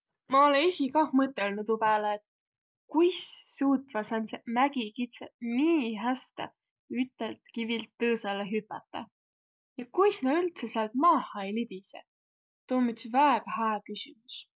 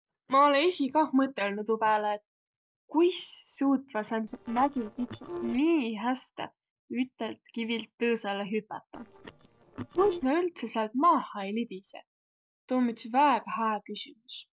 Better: first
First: none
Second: noise reduction (neural separator model SepFormer DNS4)

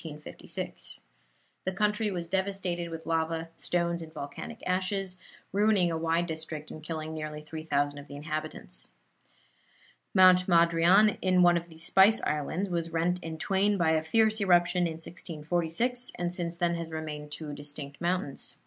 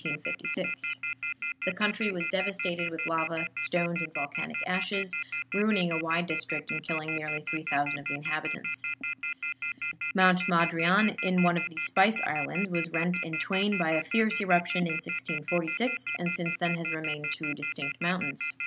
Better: first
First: none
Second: background sound (Telephone); 3 dB below the speech

